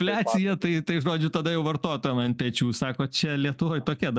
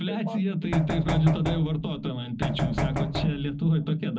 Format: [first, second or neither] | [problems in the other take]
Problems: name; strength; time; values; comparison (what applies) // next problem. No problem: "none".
first | background sound (Knock); 5 dB below the speech // room echo; dies away in 0.4 s